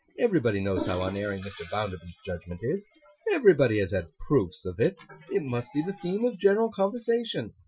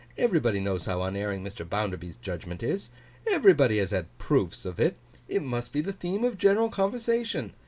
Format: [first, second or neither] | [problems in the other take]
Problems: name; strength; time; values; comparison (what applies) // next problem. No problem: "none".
second | noise reduction (classical method Wiener filter)